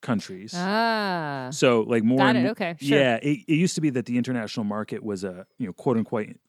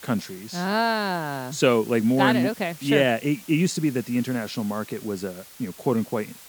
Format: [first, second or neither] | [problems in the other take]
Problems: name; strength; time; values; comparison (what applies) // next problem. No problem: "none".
first | hiss; noticeable; throughout; 20 dB below the speech